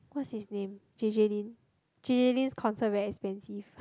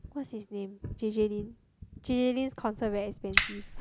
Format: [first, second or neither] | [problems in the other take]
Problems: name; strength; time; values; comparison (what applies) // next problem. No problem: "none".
first | background sound (Fire); 5 dB below the speech